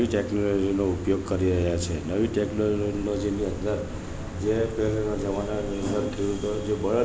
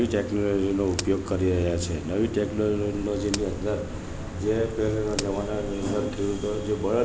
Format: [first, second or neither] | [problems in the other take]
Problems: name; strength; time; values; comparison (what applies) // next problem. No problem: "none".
first | background sound (Crack); 17 dB below the speech